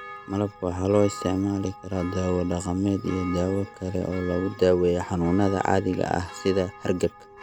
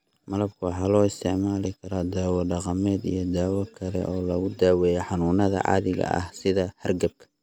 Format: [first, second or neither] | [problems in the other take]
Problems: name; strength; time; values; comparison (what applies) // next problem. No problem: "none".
second | background sound (Church bell); 17 dB below the speech